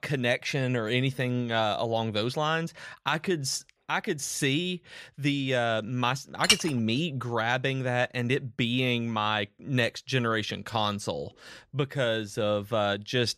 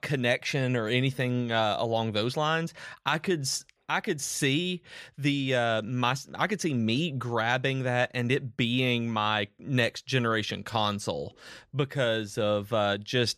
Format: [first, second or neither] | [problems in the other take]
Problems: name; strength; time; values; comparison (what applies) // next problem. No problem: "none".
second | clattering dishes; loud; at 6.5 s; peak 5 dB above the speech